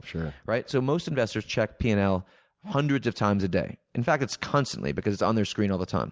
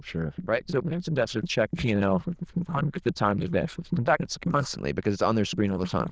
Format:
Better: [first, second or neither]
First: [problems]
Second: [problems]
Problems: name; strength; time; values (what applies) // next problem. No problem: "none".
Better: first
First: none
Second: noise reduction (neural diffusion model UNIVERSE++)